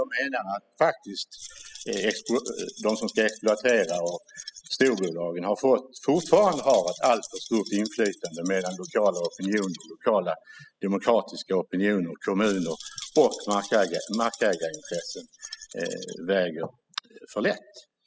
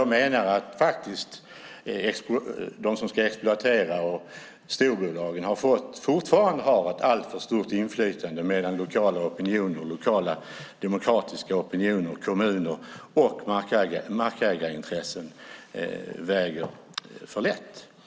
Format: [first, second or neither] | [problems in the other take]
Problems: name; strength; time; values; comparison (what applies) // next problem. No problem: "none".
second | noise reduction (classical method spectral subtraction)